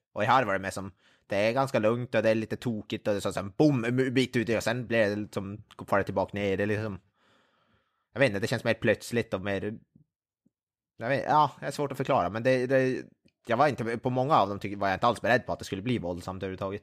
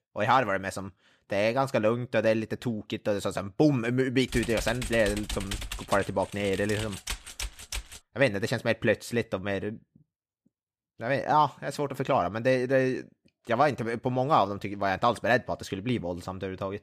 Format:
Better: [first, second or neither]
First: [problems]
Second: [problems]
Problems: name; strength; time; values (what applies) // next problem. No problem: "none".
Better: first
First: none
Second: keyboard typing; noticeable; from 4.5 to 8 s; peak 7 dB below the speech